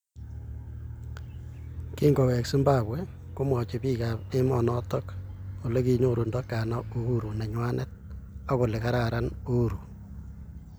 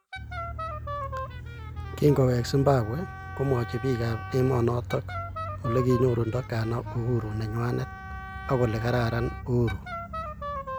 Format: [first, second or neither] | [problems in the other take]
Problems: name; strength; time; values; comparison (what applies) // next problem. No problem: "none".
first | background sound (Wind instrument, woodwind instrument); 12 dB below the speech